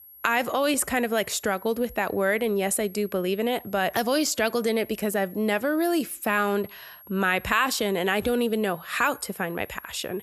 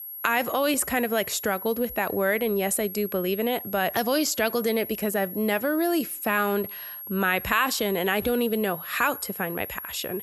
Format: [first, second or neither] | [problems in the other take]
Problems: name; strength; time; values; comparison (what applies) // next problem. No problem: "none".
first | high-pitched whine; loud; throughout; 11.5 kHz, 10 dB below the speech; faint in the first